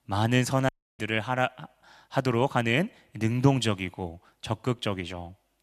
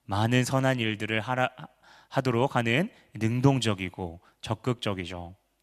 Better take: second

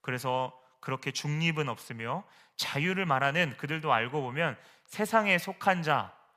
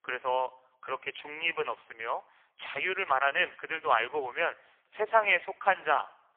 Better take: first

